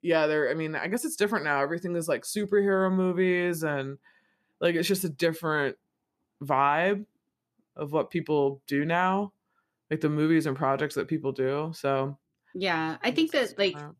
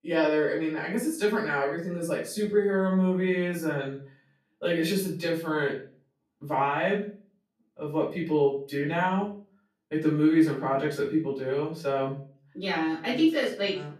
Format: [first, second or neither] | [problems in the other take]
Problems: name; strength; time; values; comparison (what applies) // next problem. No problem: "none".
first | off-mic speech; far // room echo; slight; dies away in 0.4 s